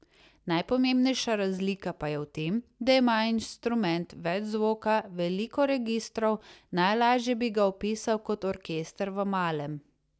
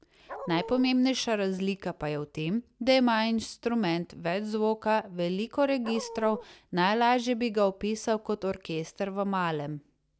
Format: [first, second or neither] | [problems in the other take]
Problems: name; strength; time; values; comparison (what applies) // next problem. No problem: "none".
first | background sound (Dog); 11 dB below the speech